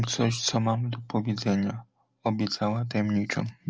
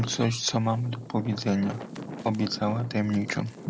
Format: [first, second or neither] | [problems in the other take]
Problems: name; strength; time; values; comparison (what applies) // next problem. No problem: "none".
first | background sound (Wind); 13 dB below the speech